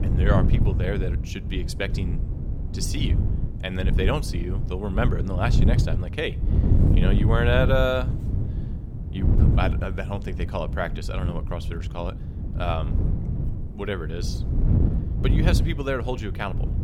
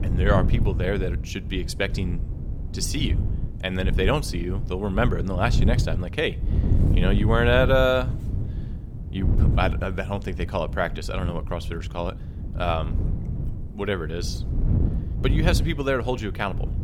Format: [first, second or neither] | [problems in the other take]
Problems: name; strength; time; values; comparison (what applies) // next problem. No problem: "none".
second | wind noise on the microphone; heavy; 8 dB below the speech; occasional gusts in the second